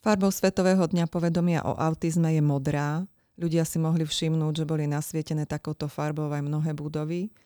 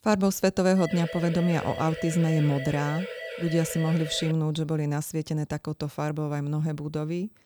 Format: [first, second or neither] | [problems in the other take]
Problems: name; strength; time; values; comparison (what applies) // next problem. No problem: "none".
first | siren; noticeable; from 1 to 4.5 s; peak 9 dB below the speech